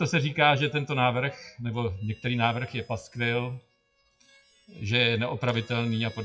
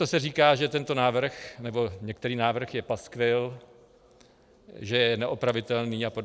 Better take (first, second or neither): second